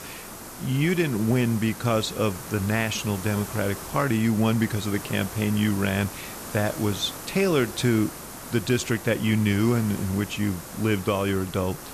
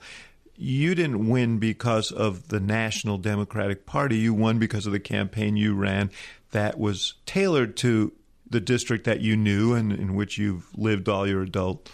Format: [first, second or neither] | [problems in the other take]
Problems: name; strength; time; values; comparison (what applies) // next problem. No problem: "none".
second | hiss; noticeable; throughout; 10 dB below the speech